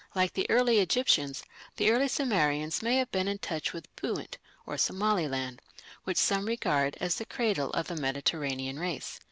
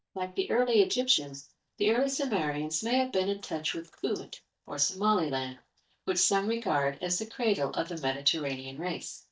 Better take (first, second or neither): first